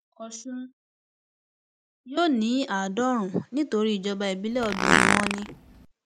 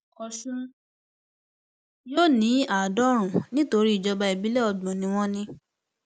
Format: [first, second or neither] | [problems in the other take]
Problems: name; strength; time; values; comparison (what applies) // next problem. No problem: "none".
second | background sound (Fart); 4 dB above the speech